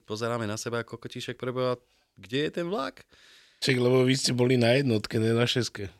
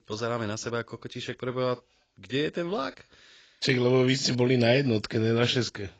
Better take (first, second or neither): first